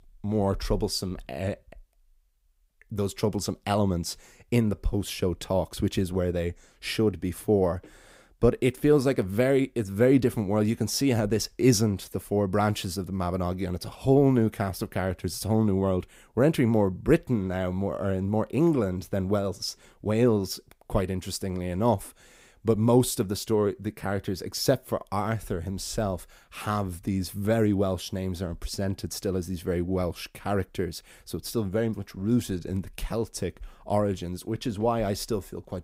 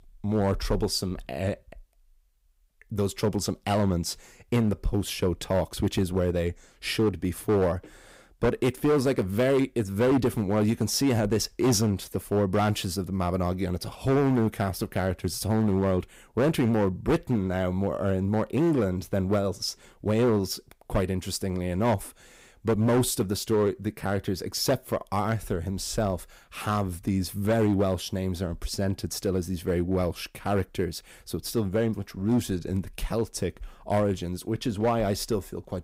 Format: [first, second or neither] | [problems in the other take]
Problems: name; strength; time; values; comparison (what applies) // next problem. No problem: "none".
first | distortion; slight; 6% of the sound clipped